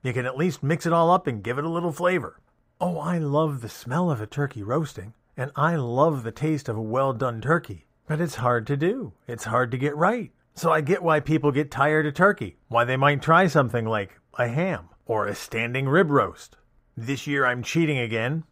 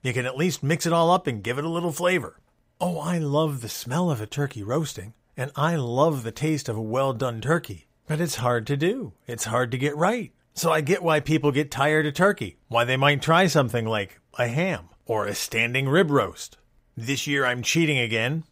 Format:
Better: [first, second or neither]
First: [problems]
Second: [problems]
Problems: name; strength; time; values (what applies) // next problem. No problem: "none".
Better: second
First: muffled; slightly; fading above 2 kHz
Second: none